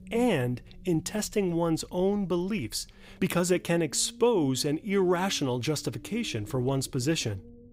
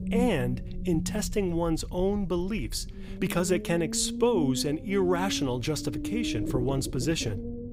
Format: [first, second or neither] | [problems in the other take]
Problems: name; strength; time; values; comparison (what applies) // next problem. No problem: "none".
first | low rumble; loud; throughout; 9 dB below the speech; faint in the first